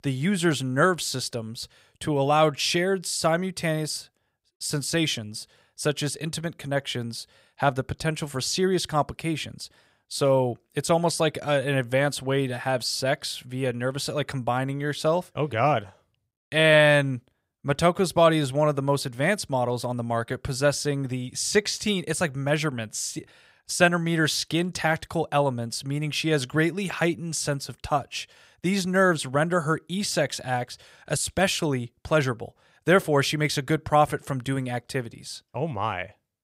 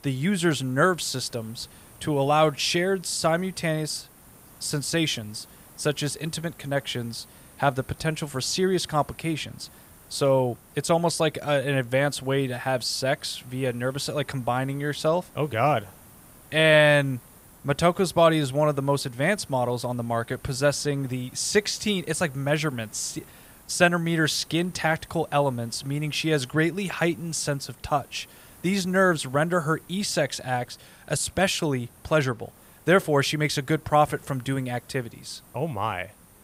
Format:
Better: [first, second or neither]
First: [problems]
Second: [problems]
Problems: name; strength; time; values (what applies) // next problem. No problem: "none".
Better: first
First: none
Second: hiss; faint; throughout; 25 dB below the speech